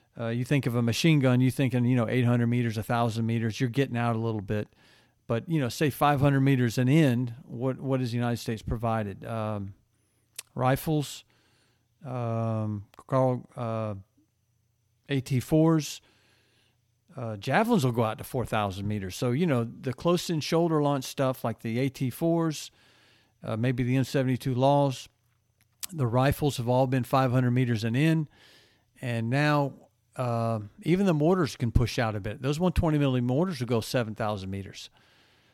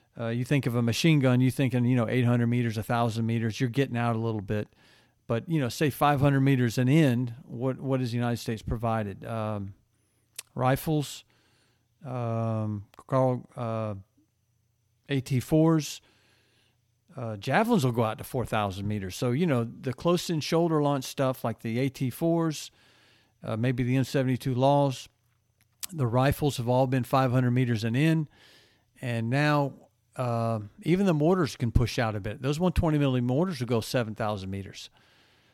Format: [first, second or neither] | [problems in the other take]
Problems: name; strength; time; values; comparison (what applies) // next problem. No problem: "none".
neither | none